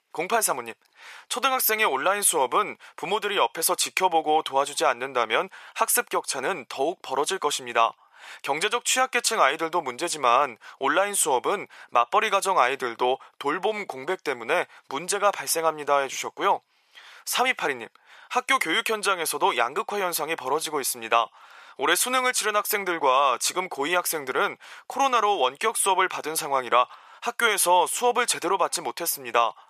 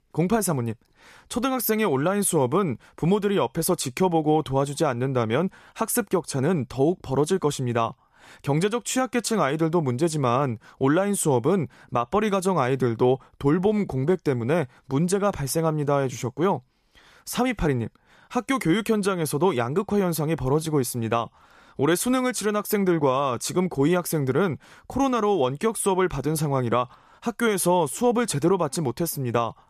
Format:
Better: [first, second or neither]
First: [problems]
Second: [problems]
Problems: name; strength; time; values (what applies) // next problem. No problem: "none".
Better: second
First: thin; very; fading below 800 Hz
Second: none